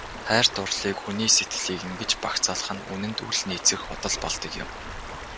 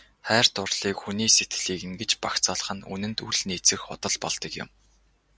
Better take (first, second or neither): second